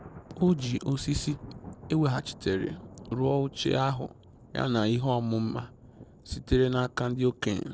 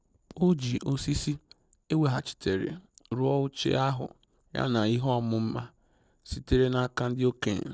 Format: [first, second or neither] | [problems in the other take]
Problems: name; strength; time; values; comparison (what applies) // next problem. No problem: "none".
second | background sound (Thunder); 18 dB below the speech